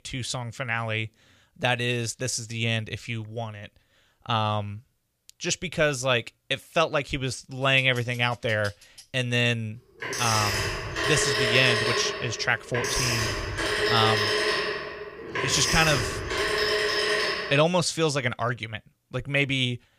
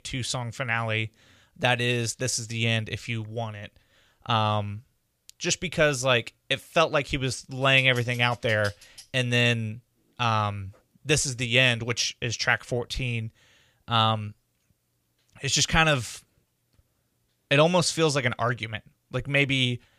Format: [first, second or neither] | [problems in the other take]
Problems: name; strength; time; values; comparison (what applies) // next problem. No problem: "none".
second | phone ringing; loud; from 10 to 18 s; peak 3 dB above the speech